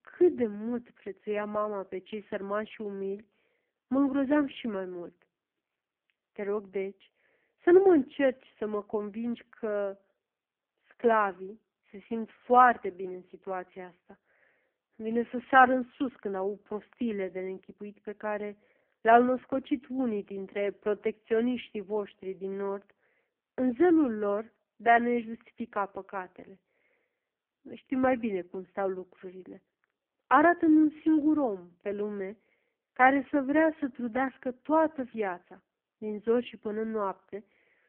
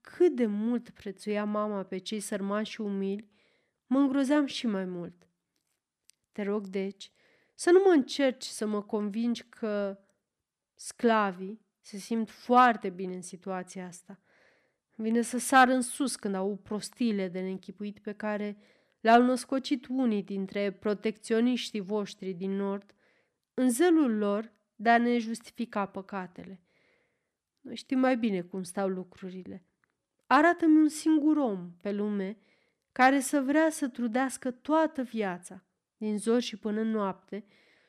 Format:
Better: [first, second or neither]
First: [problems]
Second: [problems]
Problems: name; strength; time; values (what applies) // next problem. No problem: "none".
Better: second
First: phone-call audio; poor line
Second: none